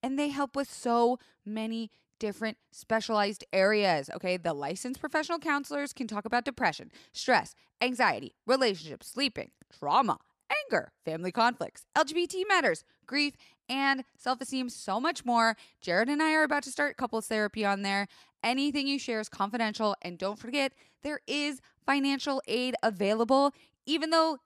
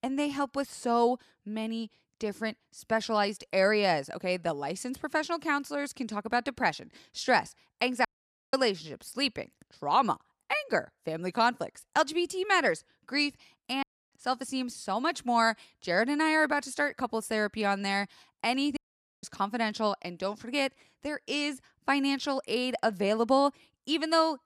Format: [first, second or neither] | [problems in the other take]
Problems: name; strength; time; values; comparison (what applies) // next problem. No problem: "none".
first | audio cutting out; at 8 s, at 14 s and at 19 s